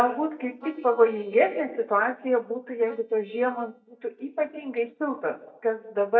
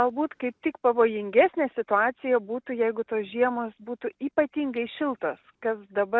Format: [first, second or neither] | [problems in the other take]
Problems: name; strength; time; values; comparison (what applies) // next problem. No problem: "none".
second | noise reduction (neural mask model DeepFilterNet 3)